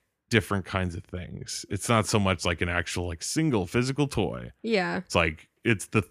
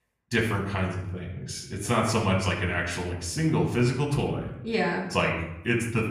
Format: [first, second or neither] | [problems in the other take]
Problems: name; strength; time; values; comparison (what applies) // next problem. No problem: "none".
first | room echo; slight; dies away in 0.7 s // off-mic speech; somewhat distant